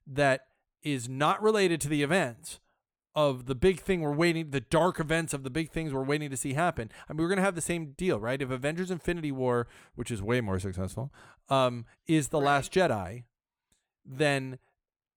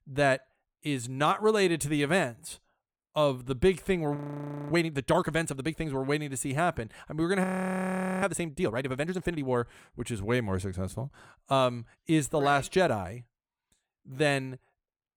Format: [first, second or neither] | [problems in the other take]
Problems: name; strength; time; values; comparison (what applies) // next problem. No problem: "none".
first | audio freezing; at 4 s for 0.5 s and at 7.5 s for 1 s